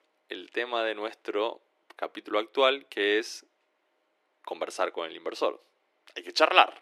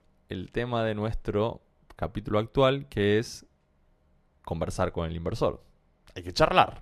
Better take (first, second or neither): second